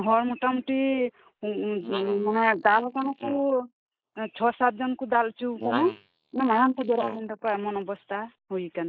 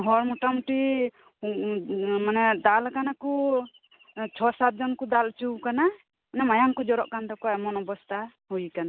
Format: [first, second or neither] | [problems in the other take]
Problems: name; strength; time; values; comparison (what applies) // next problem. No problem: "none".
second | noise reduction (neural mask model Resemble Enhance denoiser)